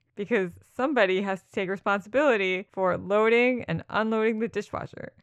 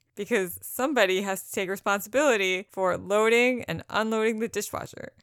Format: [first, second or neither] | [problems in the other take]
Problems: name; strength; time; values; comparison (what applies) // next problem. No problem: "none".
second | muffled; slightly; fading above 3 kHz